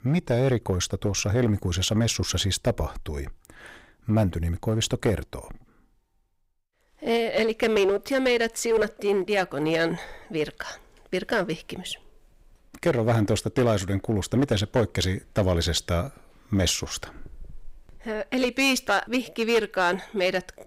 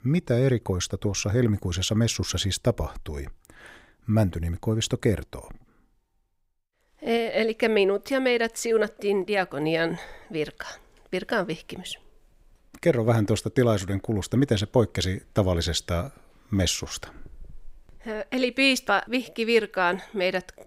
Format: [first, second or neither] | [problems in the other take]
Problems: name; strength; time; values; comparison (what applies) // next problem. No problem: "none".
second | distortion; slight; 6% of the sound clipped